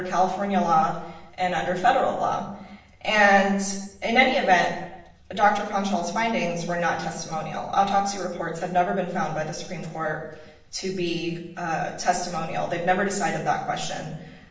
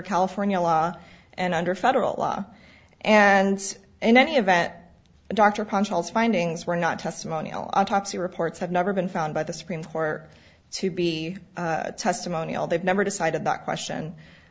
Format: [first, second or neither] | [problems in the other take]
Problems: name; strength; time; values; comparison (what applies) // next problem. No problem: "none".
second | room echo; dies away in 0.7 s